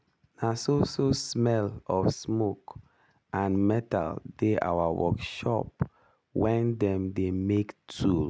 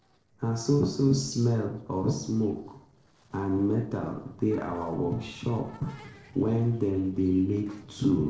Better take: first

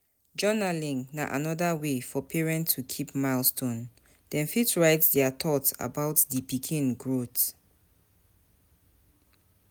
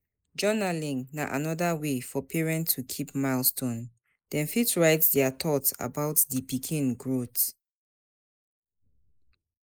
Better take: first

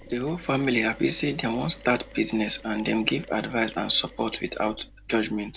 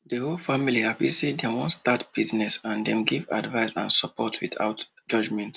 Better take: second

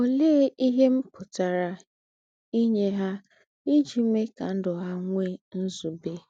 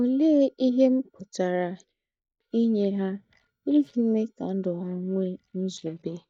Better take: first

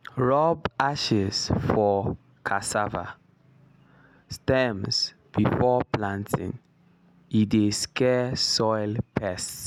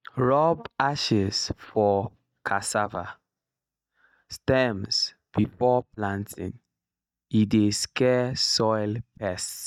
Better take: first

